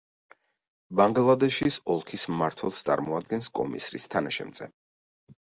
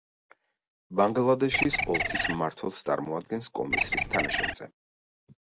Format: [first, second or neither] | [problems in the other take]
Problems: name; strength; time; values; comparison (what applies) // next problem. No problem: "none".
first | background sound (Bird); 2 dB above the speech